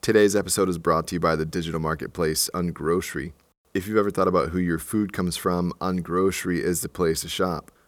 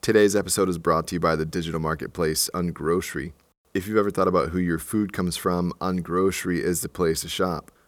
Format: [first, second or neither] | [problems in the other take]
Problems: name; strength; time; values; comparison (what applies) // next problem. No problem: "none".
neither | none